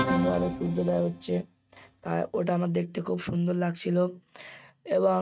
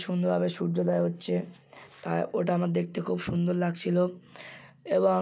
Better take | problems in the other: second | noise reduction (neural mask model RNNoise)

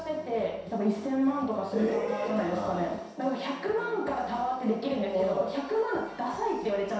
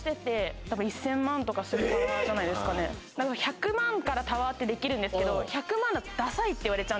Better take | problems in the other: second | room echo; dies away in 0.7 s

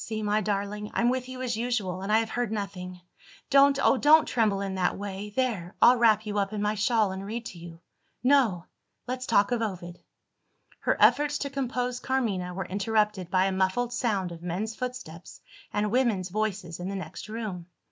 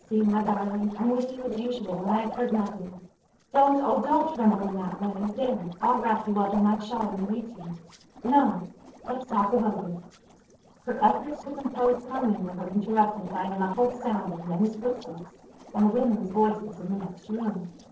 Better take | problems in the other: first | noise reduction (neural separator model SepFormer DNS4)

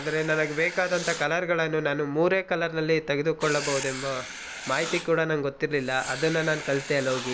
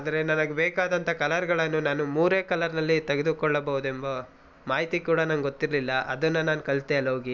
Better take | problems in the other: second | background sound (Writing); 12 dB below the speech

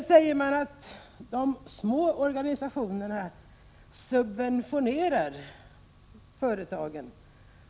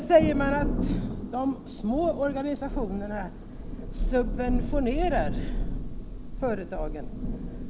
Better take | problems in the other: first | background sound (Thunder); 1 dB below the speech

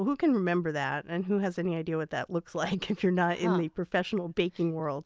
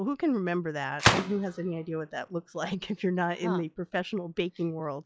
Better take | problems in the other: first | noise reduction (classical method log-MMSE)

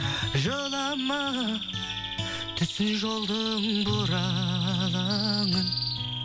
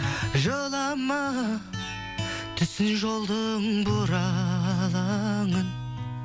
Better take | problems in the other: second | background sound (Bird vocalization, bird call, bird song); 5 dB below the speech

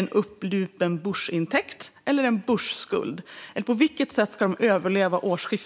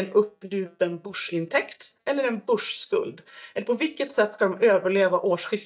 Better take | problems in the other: first | noise reduction (neural mask model DeepFilterNet 3)

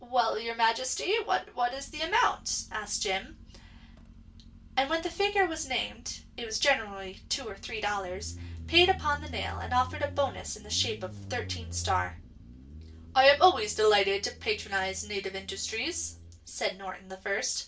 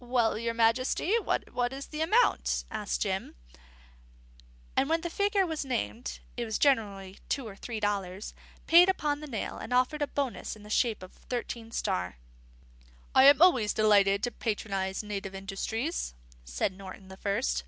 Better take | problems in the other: second | background sound (Motorcycle); 15 dB below the speech // room echo; dies away in 0.2 s

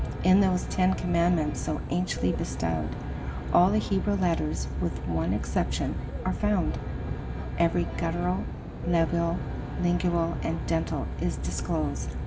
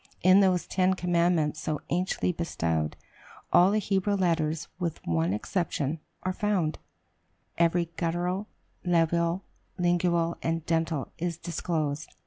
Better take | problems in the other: second | background sound (Aircraft); 4 dB below the speech // room echo; dies away in 0.5 s

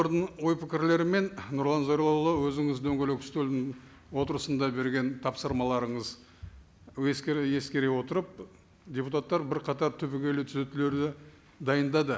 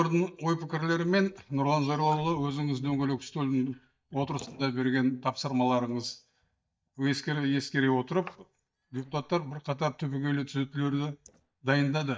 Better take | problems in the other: first | noise reduction (neural mask model DeepFilterNet 3)

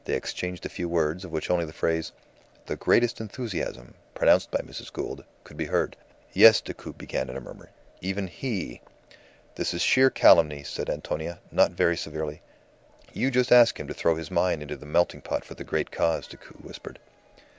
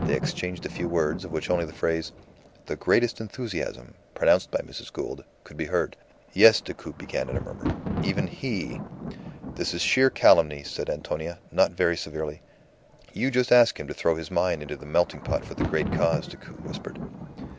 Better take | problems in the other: first | background sound (Thunder); 10 dB below the speech

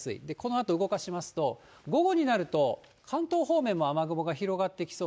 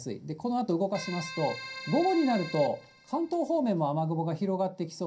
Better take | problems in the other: first | background sound (Keyboard (musical)); 13 dB below the speech // room echo; dies away in 0.3 s

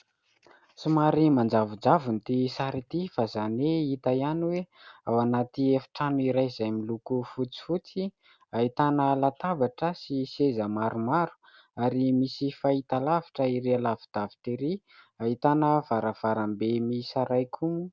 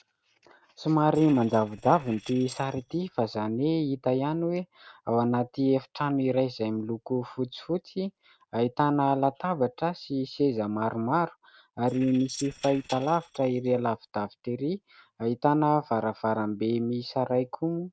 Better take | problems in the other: first | noise reduction (neural mask model RNNoise)

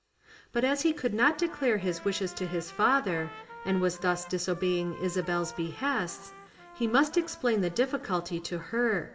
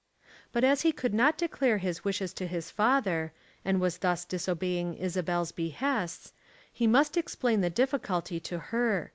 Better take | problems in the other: second | background sound (Trumpet); 19 dB below the speech // room echo; dies away in 1.5 s

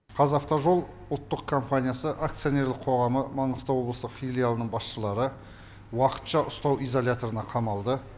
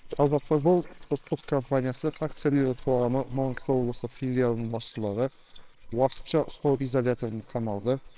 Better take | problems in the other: first | noise reduction (neural separator model SepFormer WHAMR!)

